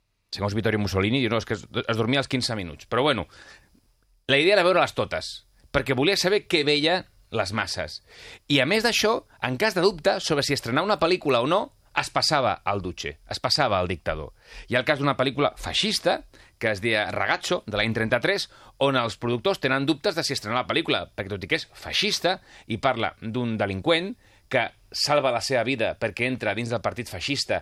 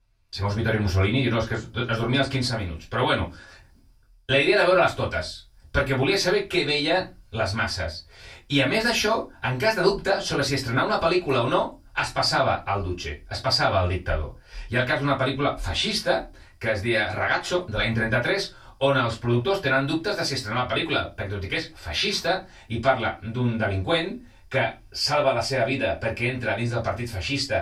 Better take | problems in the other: first | off-mic speech; far // room echo; very slight; dies away in 0.2 s

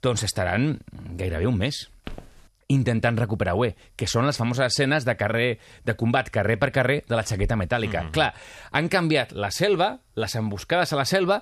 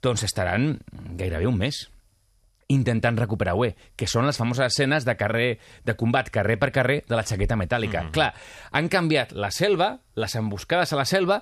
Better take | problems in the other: second | footsteps; faint; at 2 s; peak 15 dB below the speech

